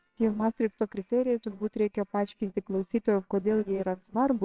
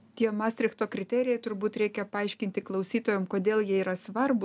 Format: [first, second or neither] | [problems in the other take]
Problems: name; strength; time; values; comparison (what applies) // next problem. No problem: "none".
second | noise reduction (neural separator model SepFormer WHAMR!)